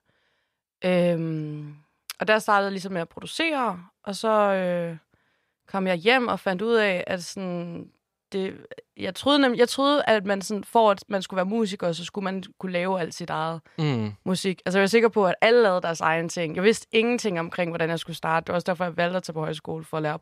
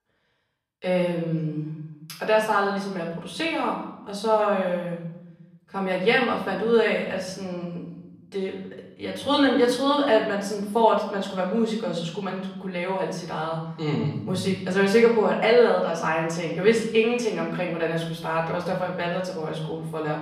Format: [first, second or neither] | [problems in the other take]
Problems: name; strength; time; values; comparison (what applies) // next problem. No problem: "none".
first | off-mic speech; far // room echo; noticeable; dies away in 1 s